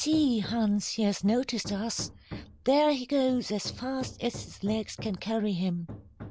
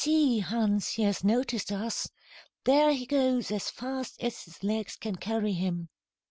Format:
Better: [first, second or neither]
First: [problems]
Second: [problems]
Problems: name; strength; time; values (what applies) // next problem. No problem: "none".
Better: second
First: background sound (Hammer); 16 dB below the speech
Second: none